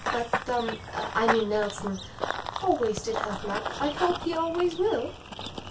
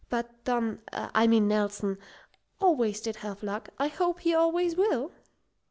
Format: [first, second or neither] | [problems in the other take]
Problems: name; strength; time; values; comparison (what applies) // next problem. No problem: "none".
second | background sound (Run / Bird vocalization, bird call, bird song); 5 dB below the speech // room echo; dies away in 0.2 s